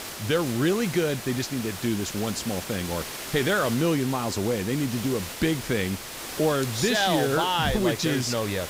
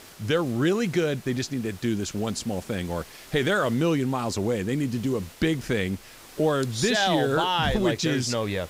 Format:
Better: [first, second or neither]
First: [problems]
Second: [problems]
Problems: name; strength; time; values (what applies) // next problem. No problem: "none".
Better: second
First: hiss; loud; throughout; 9 dB below the speech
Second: hiss; faint; throughout; 20 dB below the speech